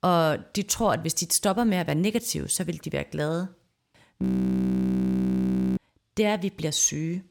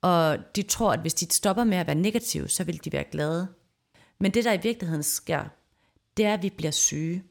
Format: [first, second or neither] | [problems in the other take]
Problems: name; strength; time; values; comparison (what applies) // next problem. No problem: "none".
second | audio freezing; at 4 s for 1.5 s